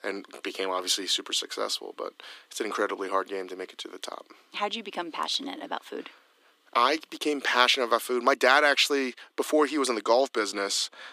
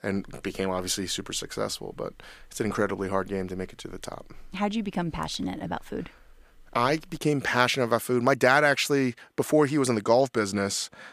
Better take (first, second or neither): second